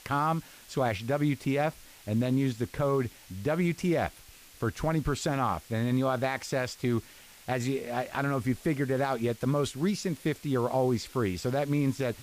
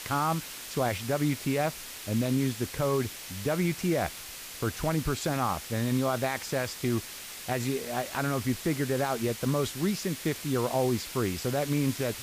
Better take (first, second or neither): first